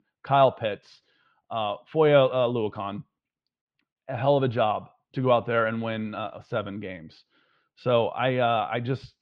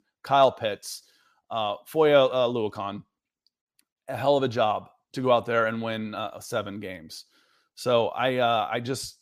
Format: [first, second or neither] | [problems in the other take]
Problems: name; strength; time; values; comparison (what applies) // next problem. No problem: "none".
second | muffled; very; fading above 3 kHz